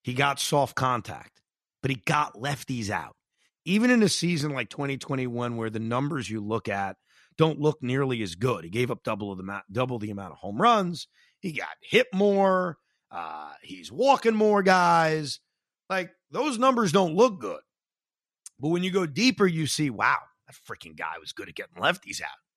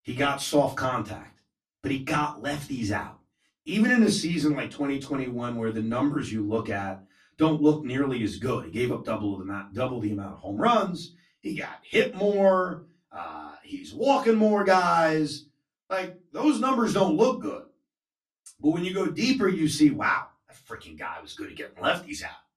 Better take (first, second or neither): first